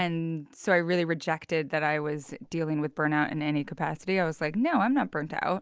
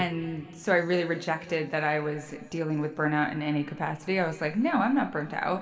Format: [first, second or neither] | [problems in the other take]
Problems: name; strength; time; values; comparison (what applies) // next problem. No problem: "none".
first | room echo; dies away in 2.2 s